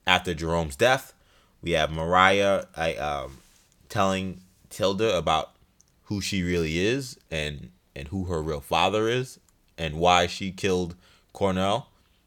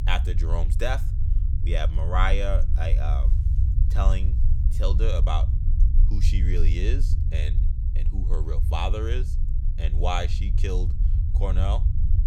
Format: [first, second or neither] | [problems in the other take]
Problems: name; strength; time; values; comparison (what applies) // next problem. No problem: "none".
first | low rumble; noticeable; throughout; 10 dB below the speech